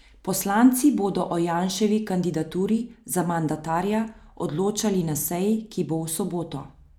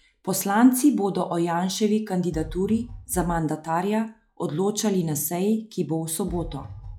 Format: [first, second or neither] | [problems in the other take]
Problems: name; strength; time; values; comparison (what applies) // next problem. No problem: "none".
first | noise reduction (classical method log-MMSE)